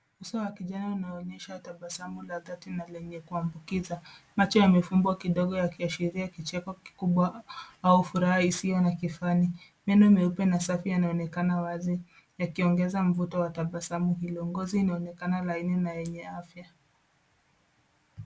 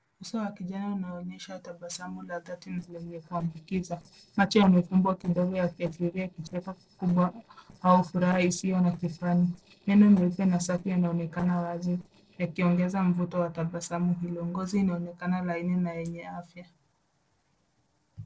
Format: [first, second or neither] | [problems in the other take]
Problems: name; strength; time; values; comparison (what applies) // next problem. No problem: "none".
first | noise reduction (neural separator model SepFormer DNS4)